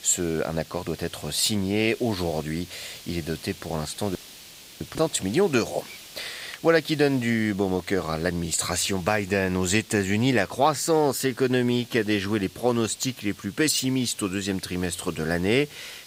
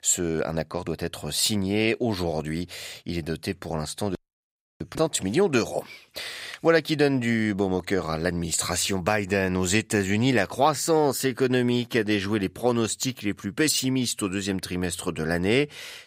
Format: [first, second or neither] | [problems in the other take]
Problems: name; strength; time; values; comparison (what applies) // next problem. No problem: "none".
second | hiss; noticeable; throughout; 20 dB below the speech